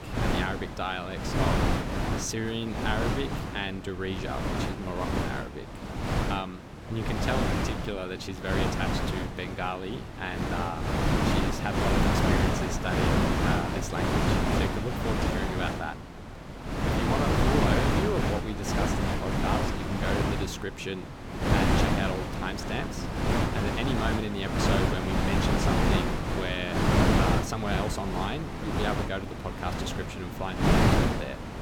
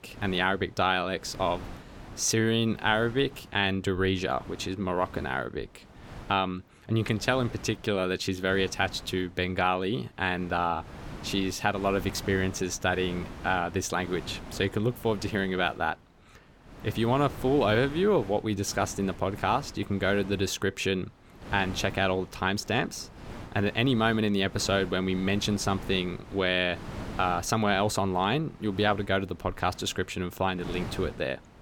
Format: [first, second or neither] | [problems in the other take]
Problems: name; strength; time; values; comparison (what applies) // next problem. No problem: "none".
second | wind noise on the microphone; heavy; 4 dB above the speech; occasional gusts in the second